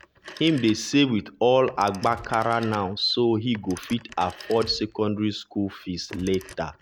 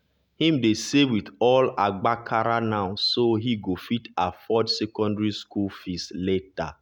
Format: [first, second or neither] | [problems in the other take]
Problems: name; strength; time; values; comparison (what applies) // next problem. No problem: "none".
second | background sound (Gunshot, gunfire + Telephone); 20 dB below the speech